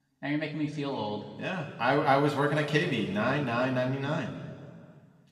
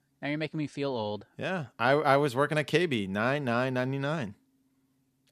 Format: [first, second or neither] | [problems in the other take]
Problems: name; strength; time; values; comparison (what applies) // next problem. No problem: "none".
second | room echo; noticeable; dies away in 1.9 s // off-mic speech; somewhat distant